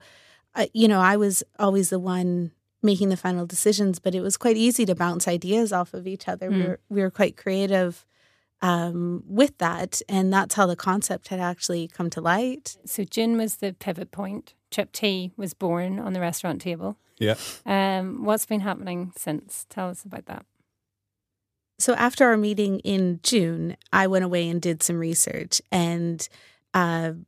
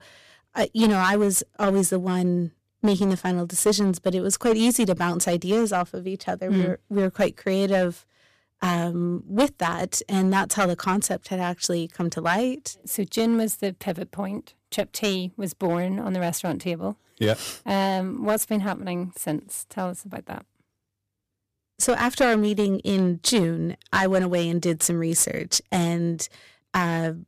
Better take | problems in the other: first | distortion; slight; 4% of the sound clipped

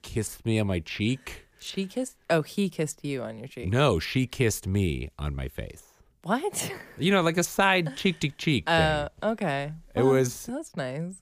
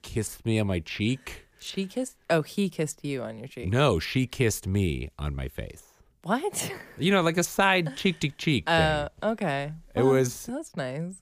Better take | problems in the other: neither | none

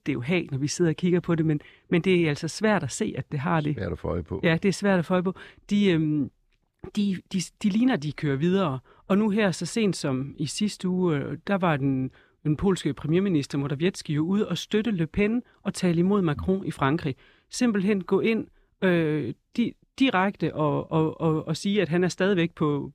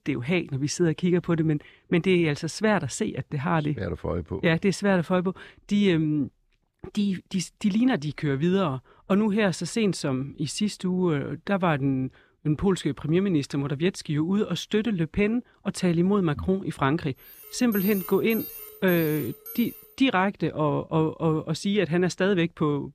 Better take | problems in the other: first | alarm; noticeable; from 17 to 20 s; peak 7 dB below the speech

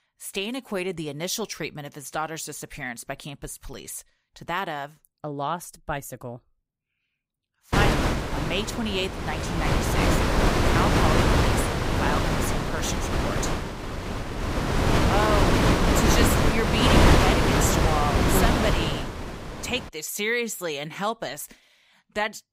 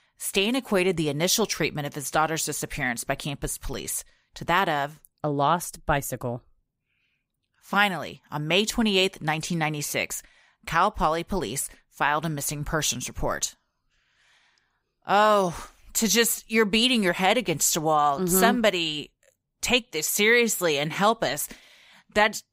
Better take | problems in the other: second | wind noise on the microphone; heavy; from 7.5 to 20 s; 5 dB above the speech

